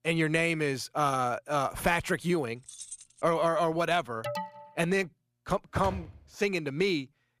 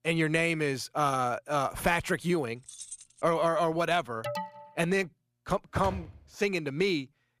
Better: neither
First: jangling keys; faint; at 2.5 s; peak 15 dB below the speech // alarm; noticeable; at 4 s; peak 7 dB below the speech // door banging; faint; at 6 s; peak 10 dB below the speech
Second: jangling keys; faint; at 2.5 s; peak 15 dB below the speech // alarm; noticeable; at 4 s; peak 7 dB below the speech // door banging; faint; at 6 s; peak 10 dB below the speech

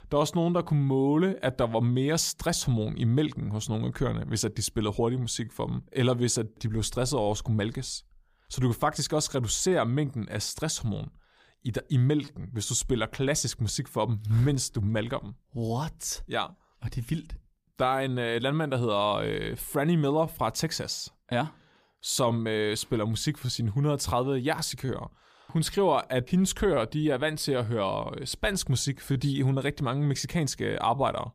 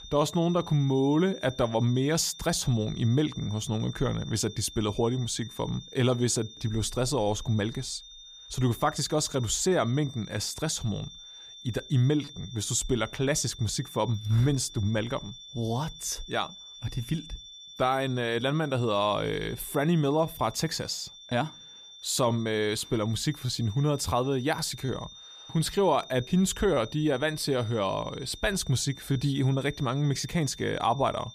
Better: first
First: none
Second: high-pitched whine; noticeable; throughout; 3.5 kHz, 15 dB below the speech

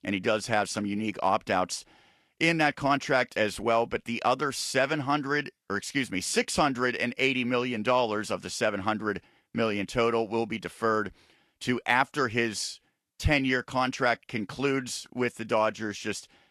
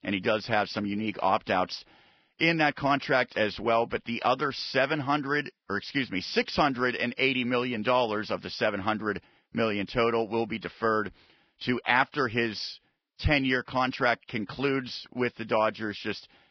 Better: first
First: garbled, watery; slightly; nothing above 11.5 kHz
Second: garbled, watery; badly; nothing above 5.5 kHz

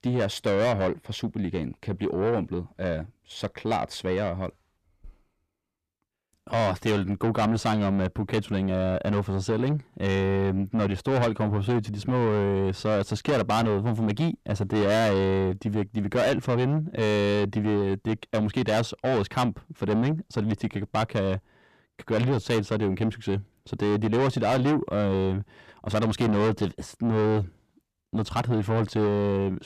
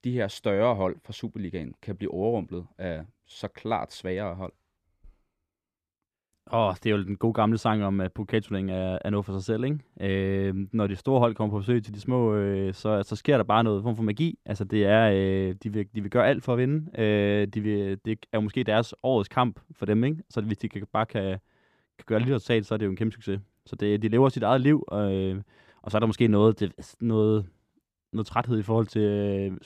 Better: second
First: distortion; heavy; 7 dB below the speech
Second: none

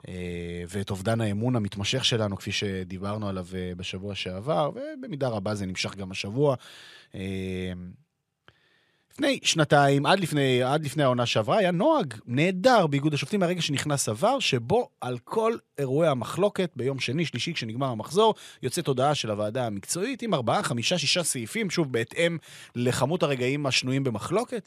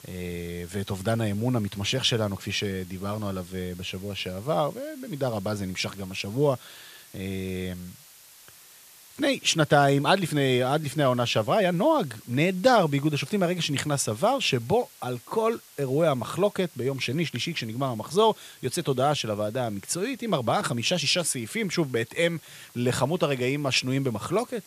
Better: first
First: none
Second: hiss; faint; throughout; 25 dB below the speech

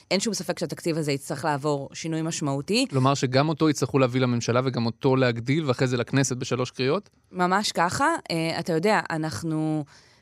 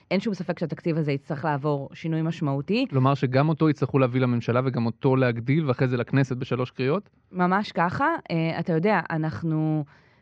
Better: first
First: none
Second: muffled; slightly; fading above 3 kHz

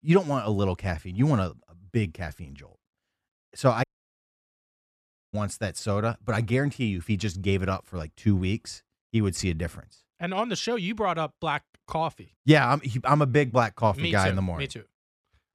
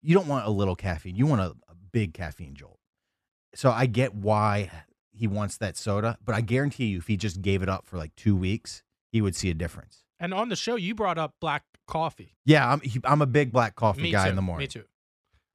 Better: second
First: audio cutting out; at 4 s for 1.5 s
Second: none

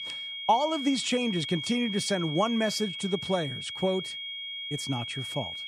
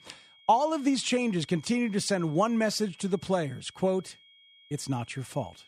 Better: second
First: high-pitched whine; loud; throughout; 3.5 kHz, 5 dB below the speech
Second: high-pitched whine; faint; throughout; 3.5 kHz, 25 dB below the speech

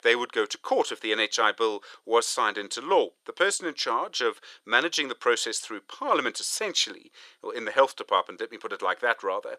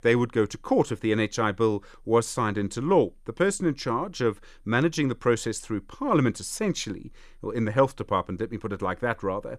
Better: second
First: thin; very; fading below 500 Hz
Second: none

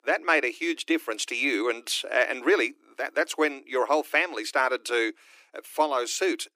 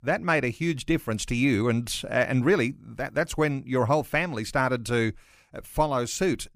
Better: second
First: thin; very; fading below 300 Hz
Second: none

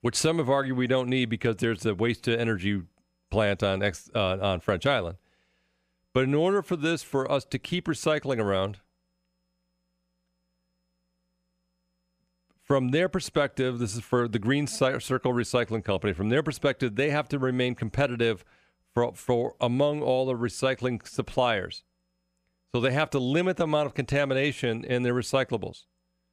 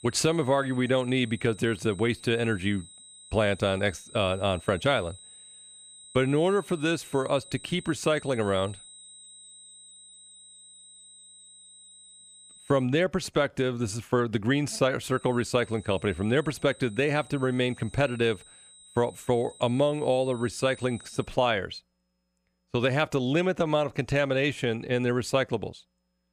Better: first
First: none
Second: high-pitched whine; faint; until 13 s and from 15 to 21 s; 8 kHz, 20 dB below the speech

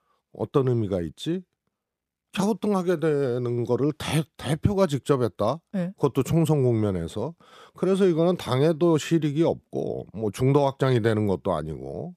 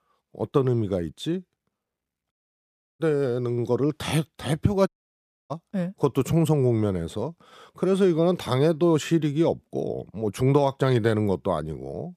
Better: first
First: none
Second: audio cutting out; at 2.5 s for 0.5 s and at 5 s for 0.5 s

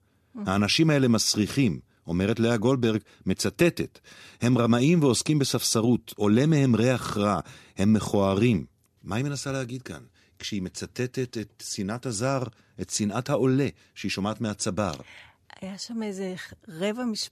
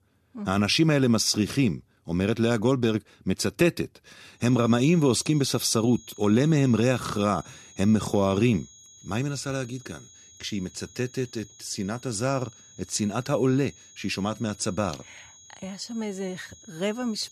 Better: first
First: none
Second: high-pitched whine; faint; from 4.5 s on; 6.5 kHz, 25 dB below the speech

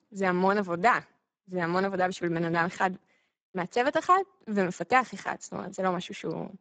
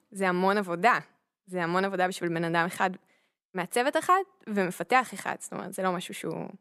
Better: second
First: garbled, watery; badly; nothing above 7.5 kHz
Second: none

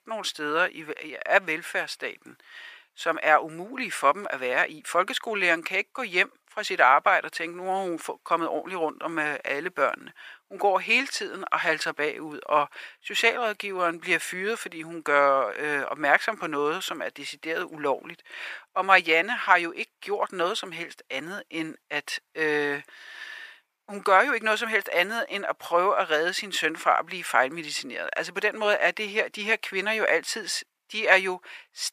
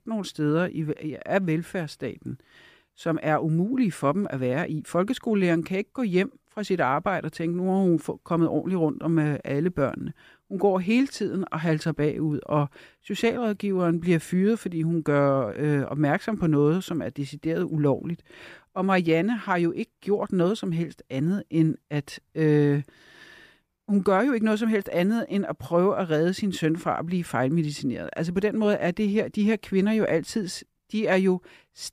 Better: second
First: thin; very; fading below 800 Hz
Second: none

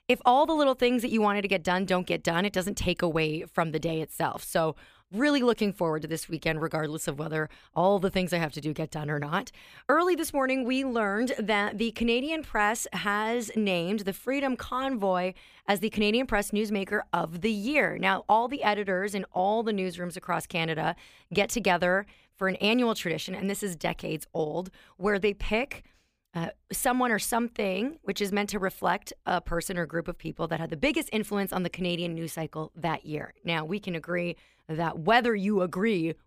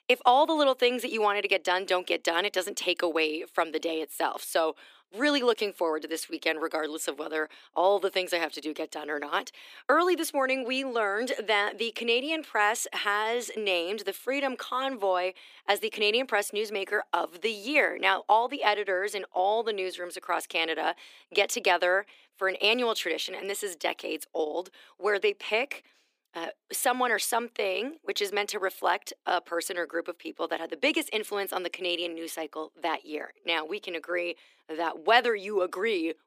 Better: first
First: none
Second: thin; somewhat; fading below 300 Hz

